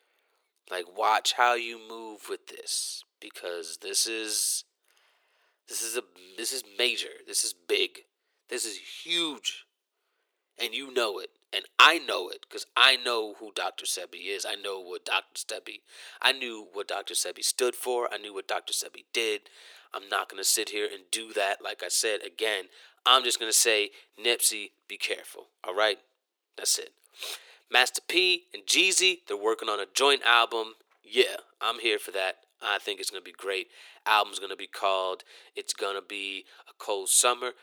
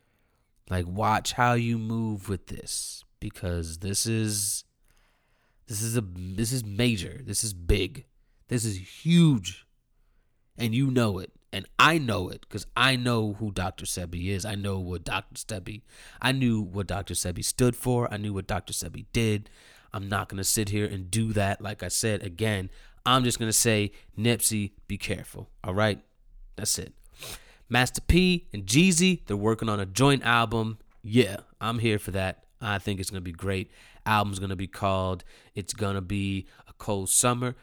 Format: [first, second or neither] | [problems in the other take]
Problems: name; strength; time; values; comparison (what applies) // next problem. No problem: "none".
second | thin; very; fading below 400 Hz